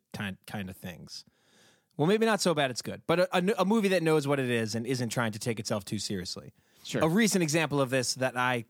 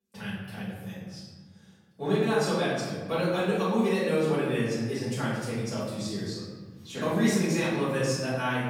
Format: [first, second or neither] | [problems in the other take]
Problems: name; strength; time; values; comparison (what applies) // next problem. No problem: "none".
first | off-mic speech; far // room echo; strong; dies away in 1.4 s